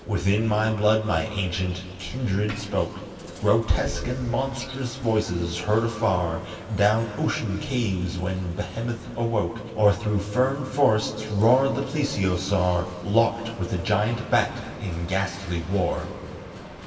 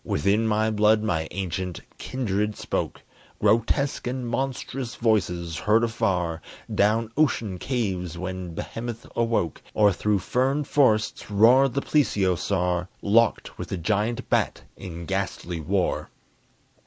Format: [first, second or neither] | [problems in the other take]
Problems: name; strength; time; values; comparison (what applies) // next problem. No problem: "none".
second | background sound (Bicycle); 18 dB below the speech // room echo; dies away in 2.4 s